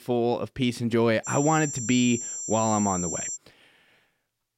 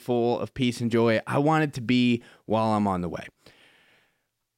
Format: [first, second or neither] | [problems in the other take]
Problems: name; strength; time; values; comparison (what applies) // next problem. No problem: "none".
second | high-pitched whine; loud; from 1.5 to 3.5 s; 7.5 kHz, 6 dB below the speech